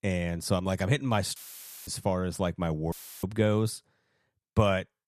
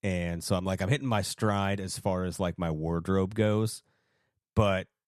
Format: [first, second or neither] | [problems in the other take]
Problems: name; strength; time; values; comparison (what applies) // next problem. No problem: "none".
second | audio cutting out; filled with static; at 1.5 s for 0.5 s and at 3 s